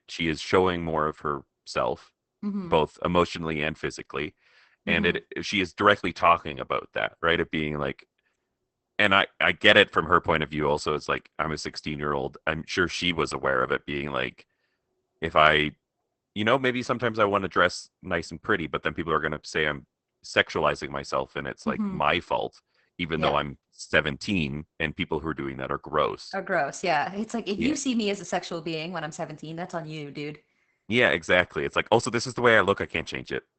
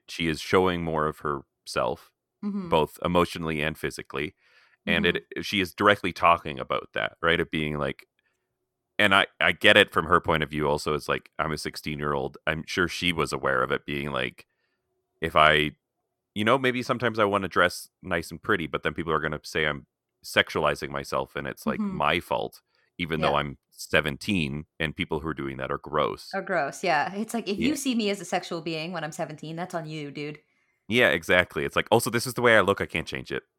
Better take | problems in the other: second | garbled, watery; badly; nothing above 8 kHz

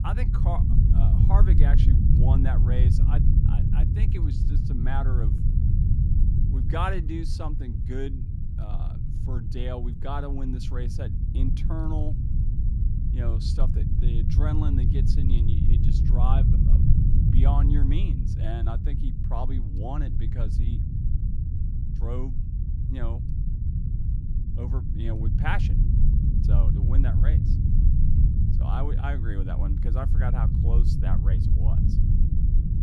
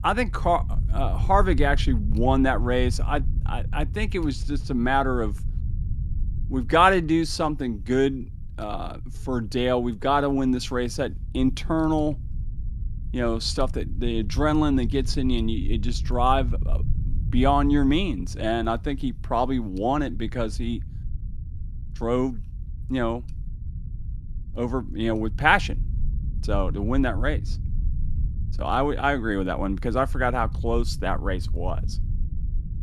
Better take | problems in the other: second | low rumble; loud; throughout; 2 dB below the speech; faint in the second

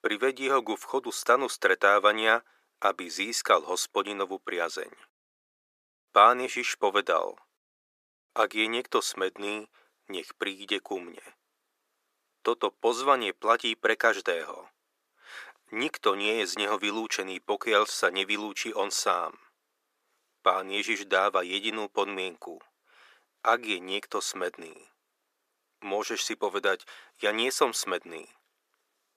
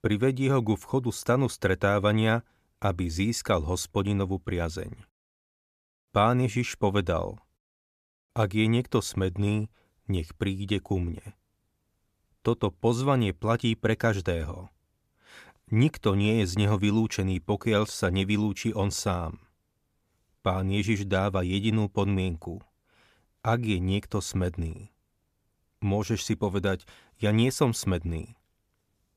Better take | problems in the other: second | thin; very; fading below 350 Hz

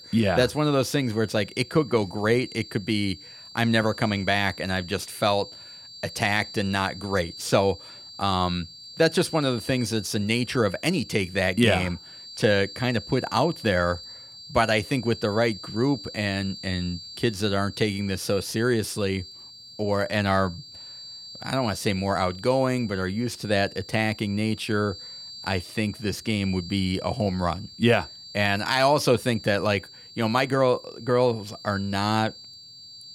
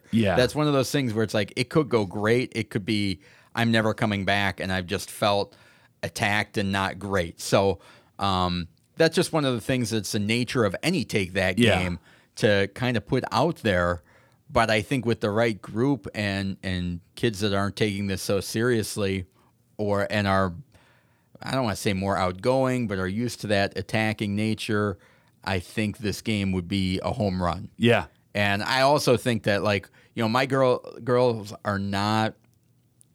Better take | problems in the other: second | high-pitched whine; noticeable; throughout; 4.5 kHz, 15 dB below the speech

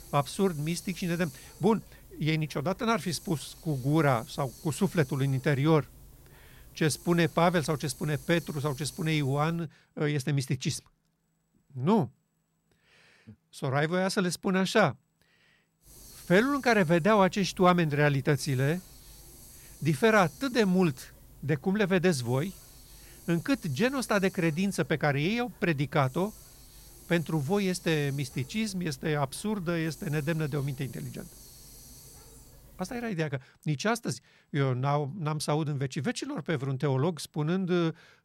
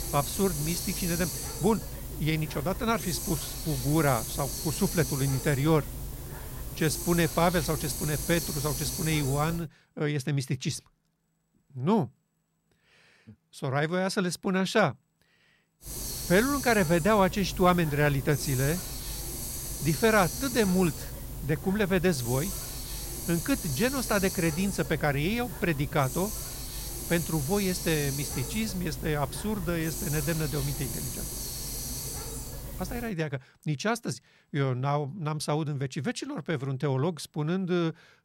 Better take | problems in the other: first | hiss; loud; until 9.5 s and from 16 to 33 s; 6 dB below the speech; faint in the first

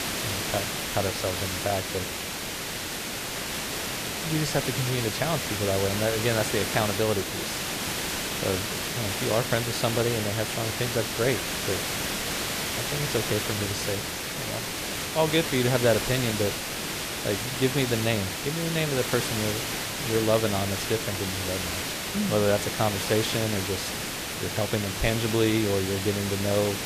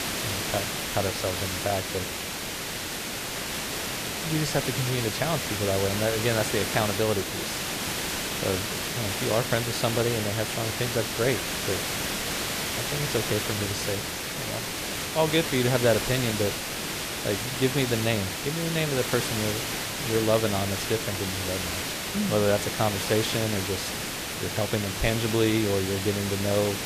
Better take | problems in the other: neither | hiss; loud; throughout; 1 dB below the speech; the same in both

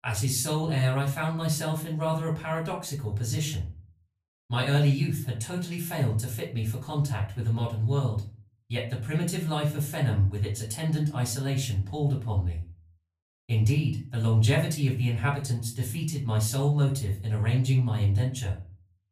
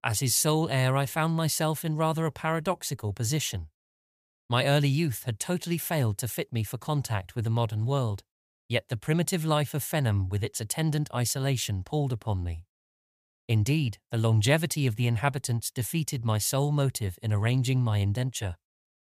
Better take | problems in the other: second | room echo; slight; dies away in 0.3 s // off-mic speech; far

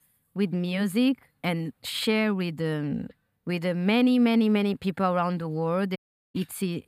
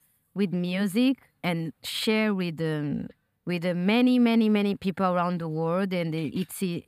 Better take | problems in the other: second | audio cutting out; at 6 s

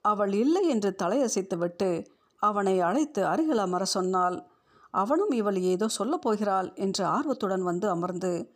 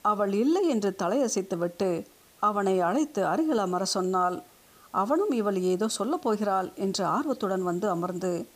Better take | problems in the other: first | hiss; faint; throughout; 30 dB below the speech

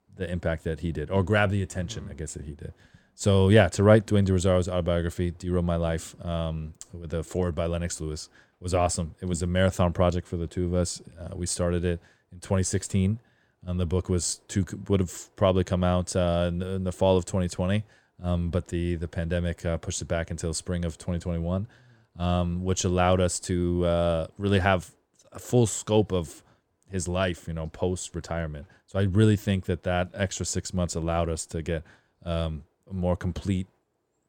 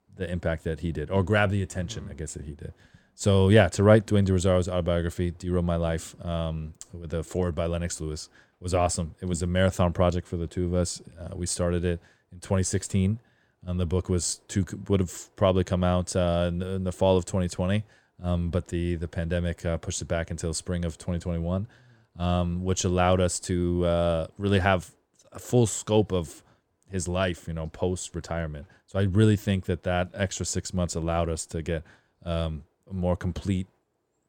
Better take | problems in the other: neither | none

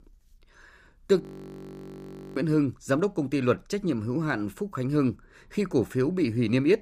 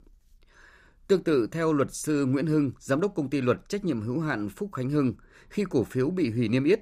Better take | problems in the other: second | audio freezing; at 1 s for 1 s

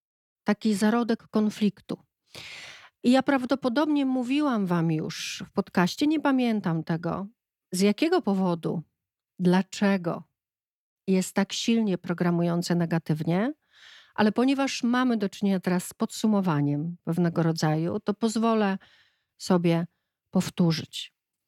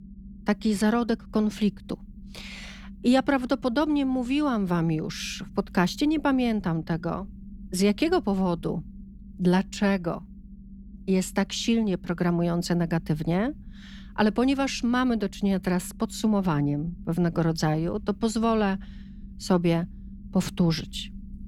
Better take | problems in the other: first | low rumble; faint; throughout; 25 dB below the speech

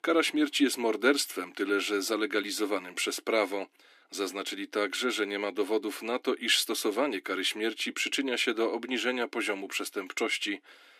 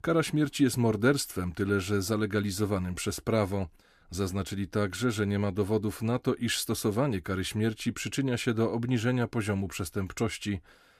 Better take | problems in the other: second | thin; somewhat; fading below 300 Hz

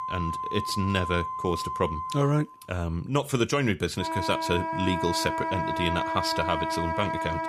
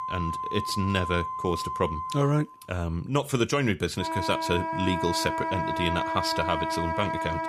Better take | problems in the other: neither | background music; loud; throughout; 2 dB below the speech; the same in both

